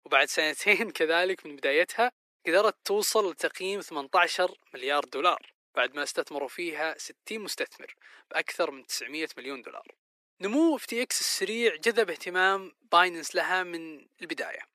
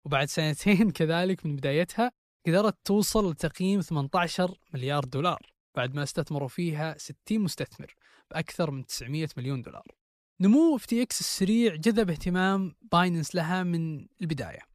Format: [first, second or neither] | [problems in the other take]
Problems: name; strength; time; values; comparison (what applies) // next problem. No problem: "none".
second | thin; very; fading below 350 Hz